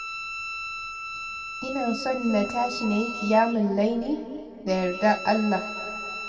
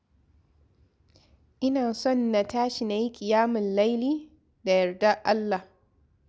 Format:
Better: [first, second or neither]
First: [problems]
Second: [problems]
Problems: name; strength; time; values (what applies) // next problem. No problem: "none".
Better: second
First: background sound (Bowed string instrument); 9 dB below the speech // room echo; dies away in 2.3 s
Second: none